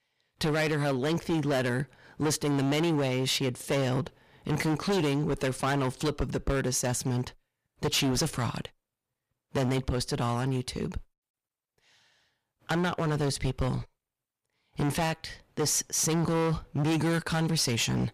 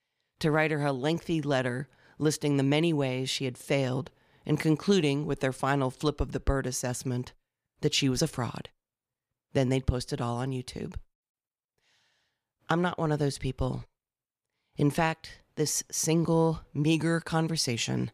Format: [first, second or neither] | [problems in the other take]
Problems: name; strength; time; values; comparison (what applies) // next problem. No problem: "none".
second | distortion; heavy; 16% of the sound clipped